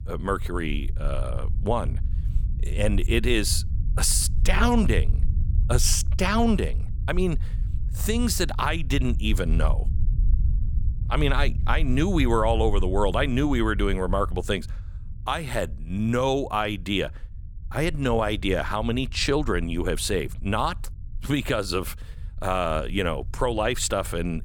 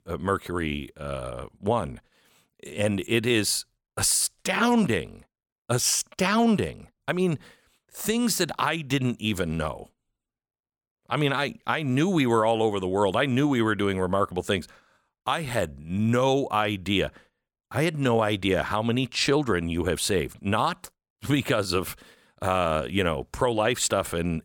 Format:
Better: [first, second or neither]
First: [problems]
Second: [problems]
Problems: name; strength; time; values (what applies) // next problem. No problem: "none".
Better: second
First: low rumble; faint; throughout; 20 dB below the speech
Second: none